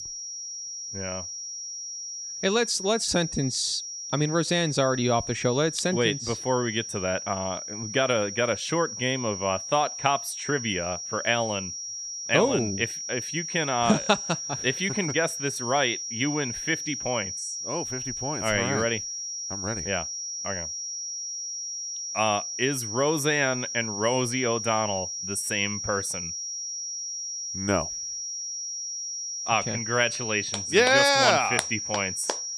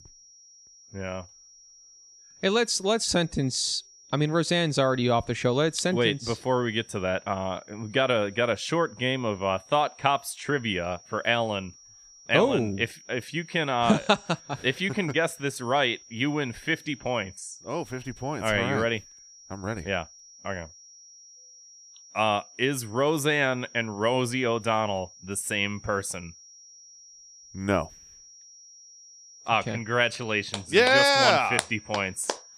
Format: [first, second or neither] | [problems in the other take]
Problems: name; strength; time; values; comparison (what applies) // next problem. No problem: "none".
second | high-pitched whine; loud; throughout; 5.5 kHz, 5 dB below the speech; faint in the second